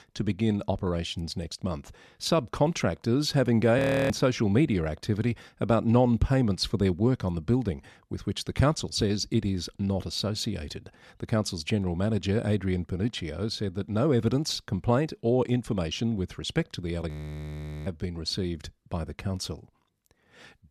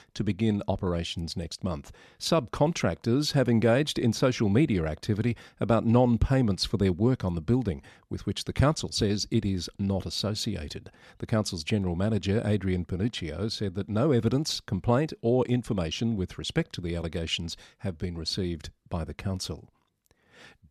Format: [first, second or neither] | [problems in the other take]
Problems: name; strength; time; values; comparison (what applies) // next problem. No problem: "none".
second | audio freezing; at 4 s and at 17 s for 1 s